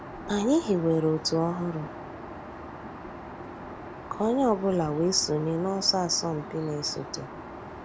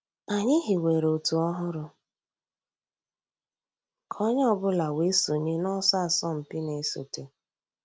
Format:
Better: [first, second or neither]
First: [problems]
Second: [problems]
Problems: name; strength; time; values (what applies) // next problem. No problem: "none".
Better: second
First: background sound (Aircraft); 12 dB below the speech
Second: none